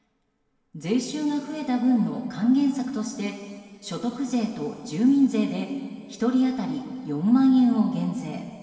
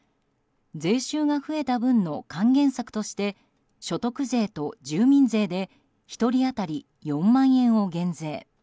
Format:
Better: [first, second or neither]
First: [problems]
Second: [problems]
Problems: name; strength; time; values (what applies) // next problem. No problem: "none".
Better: second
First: room echo; dies away in 2.7 s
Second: none